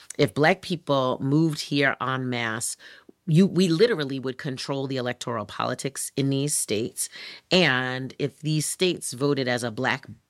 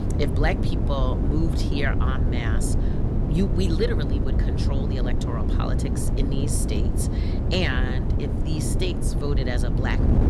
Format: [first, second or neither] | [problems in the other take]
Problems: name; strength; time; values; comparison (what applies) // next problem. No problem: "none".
first | wind noise on the microphone; heavy; 3 dB below the speech